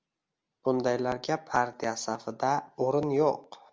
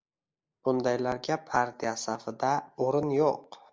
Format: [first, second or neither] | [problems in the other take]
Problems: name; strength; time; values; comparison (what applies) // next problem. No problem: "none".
first | noise reduction (neural mask model Resemble Enhance denoiser)